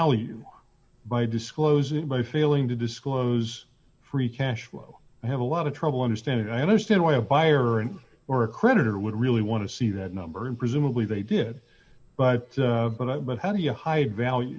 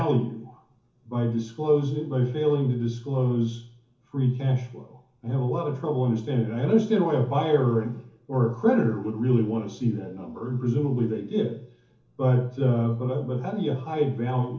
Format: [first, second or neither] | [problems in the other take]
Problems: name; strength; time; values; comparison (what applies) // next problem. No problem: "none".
first | room echo; dies away in 0.7 s